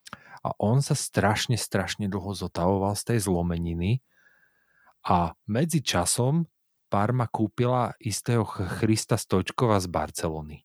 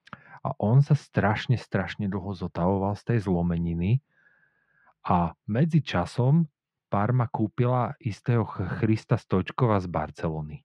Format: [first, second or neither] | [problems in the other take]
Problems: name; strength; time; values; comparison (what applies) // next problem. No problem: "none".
first | muffled; slightly; fading above 2.5 kHz